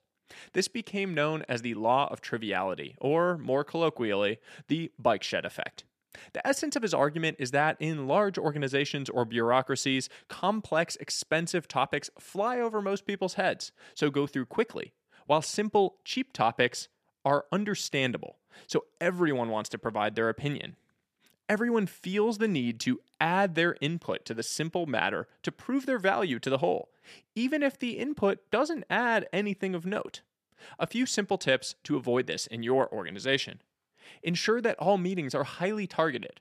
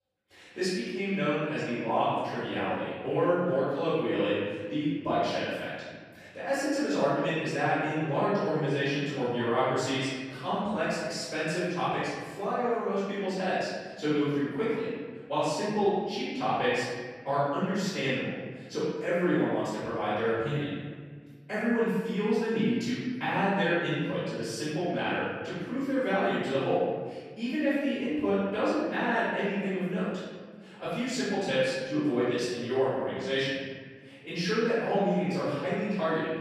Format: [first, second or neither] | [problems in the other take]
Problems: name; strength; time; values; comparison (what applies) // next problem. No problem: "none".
first | room echo; strong; dies away in 1.5 s // off-mic speech; far